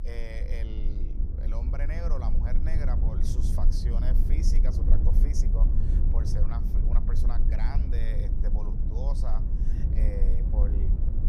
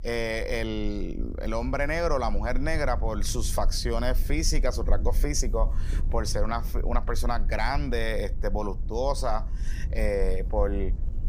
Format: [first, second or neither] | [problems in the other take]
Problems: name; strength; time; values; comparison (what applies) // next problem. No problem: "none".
second | low rumble; loud; throughout; 2 dB below the speech; faint in the second